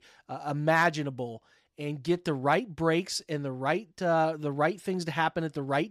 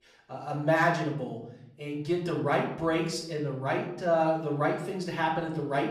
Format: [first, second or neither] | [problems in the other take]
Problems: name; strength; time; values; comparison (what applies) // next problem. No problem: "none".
first | off-mic speech; far // room echo; slight; dies away in 0.6 s